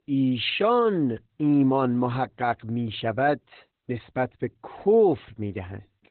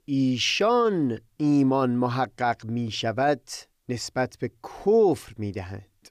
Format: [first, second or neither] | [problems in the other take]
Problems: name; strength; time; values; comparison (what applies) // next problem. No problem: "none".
second | garbled, watery; badly; nothing above 4 kHz